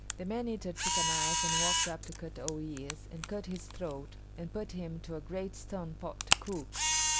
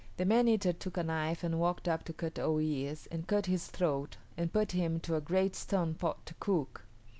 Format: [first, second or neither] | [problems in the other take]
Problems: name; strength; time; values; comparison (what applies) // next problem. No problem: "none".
second | background sound (Camera); 5 dB above the speech